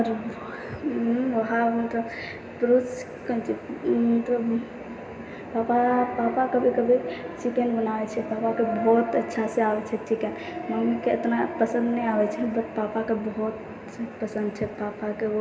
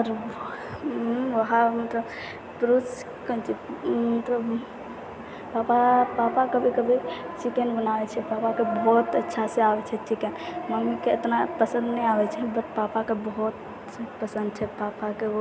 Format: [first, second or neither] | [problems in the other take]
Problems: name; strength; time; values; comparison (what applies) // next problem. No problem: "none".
second | room echo; dies away in 1.4 s